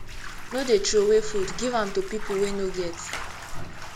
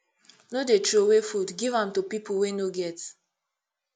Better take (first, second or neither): second